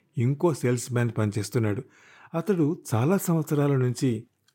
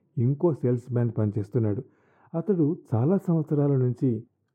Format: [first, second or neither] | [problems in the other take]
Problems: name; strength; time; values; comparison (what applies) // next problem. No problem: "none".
first | muffled; very; fading above 1.5 kHz